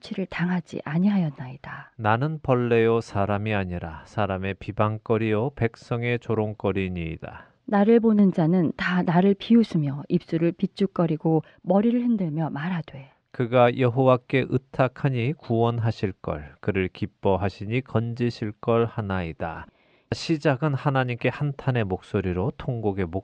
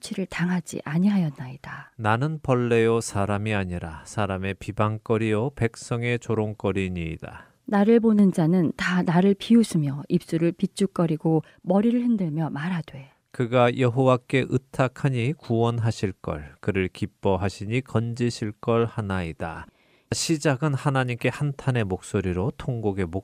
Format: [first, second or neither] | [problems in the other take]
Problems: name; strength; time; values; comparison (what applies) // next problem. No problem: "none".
second | muffled; slightly; fading above 4 kHz